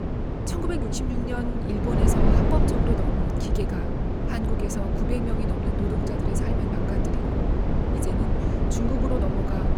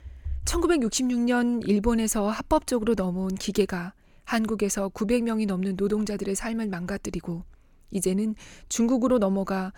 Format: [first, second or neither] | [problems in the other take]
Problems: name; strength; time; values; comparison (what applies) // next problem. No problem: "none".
second | wind noise on the microphone; heavy; 4 dB above the speech